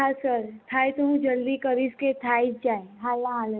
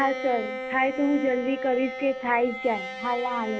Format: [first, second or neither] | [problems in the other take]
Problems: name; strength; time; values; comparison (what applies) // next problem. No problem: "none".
first | background sound (Bowed string instrument); 8 dB below the speech